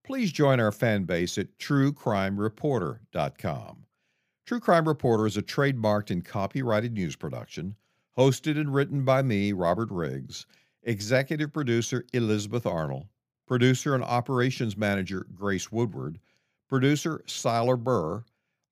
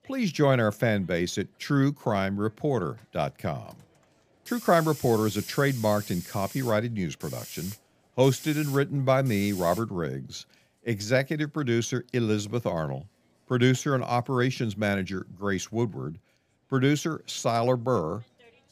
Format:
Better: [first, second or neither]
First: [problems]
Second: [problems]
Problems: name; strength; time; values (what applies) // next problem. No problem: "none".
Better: first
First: none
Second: hiss; noticeable; throughout; 15 dB below the speech